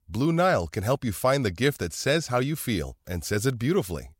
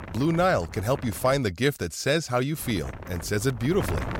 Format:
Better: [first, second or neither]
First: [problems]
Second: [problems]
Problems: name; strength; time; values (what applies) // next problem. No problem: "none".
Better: first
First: none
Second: wind noise on the microphone; occasional gusts; until 1.5 s and from 2.5 s on; 15 dB below the speech